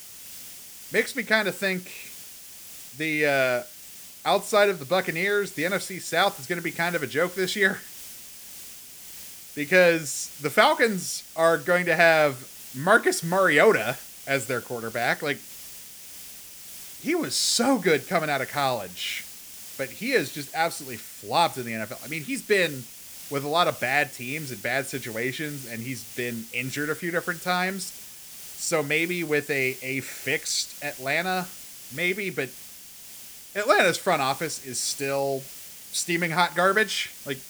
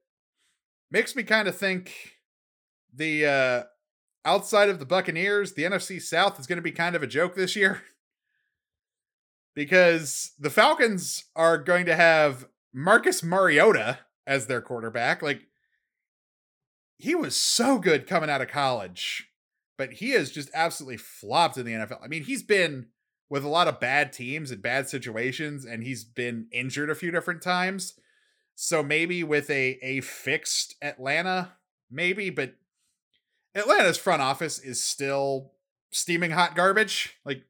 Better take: second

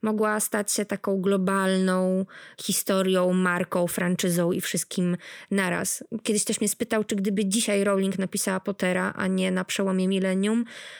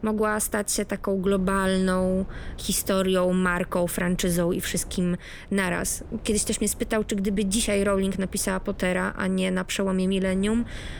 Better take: first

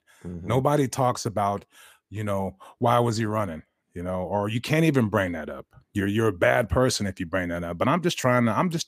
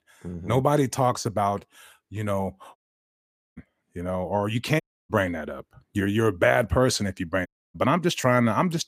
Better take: first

